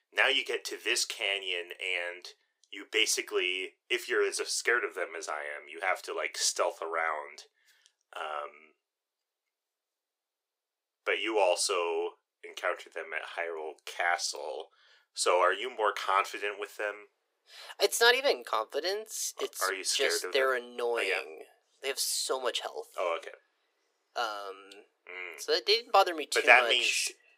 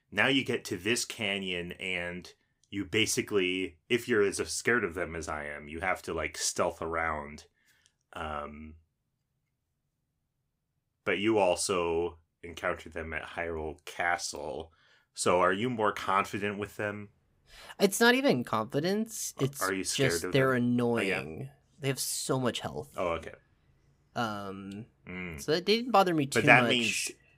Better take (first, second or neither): second